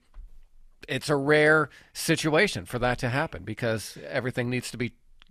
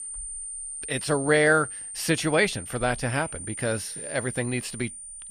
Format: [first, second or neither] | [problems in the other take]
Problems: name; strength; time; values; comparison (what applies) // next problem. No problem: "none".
first | high-pitched whine; loud; throughout; 9 kHz, 8 dB below the speech